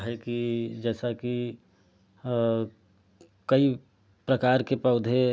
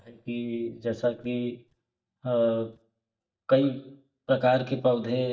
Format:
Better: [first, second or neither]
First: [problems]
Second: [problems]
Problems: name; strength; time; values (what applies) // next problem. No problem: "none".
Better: first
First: none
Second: noise reduction (neural mask model DeepFilterNet 3)